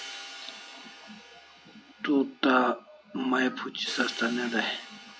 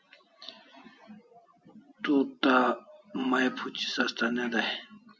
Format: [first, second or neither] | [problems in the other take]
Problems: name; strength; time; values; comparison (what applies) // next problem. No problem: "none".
second | background sound (Hi-hat); 15 dB below the speech